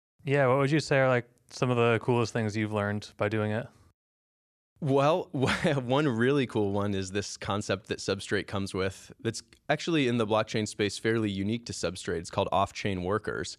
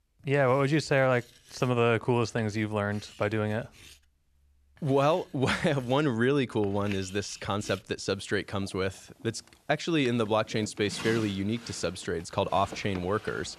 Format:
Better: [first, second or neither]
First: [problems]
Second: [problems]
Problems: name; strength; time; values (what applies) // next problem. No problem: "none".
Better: first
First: none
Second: household noises; noticeable; throughout; 20 dB below the speech